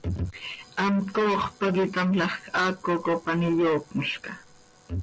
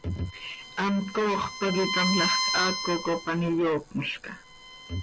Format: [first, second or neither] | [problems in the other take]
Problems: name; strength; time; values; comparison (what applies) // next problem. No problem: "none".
first | background sound (Bowed string instrument); 5 dB below the speech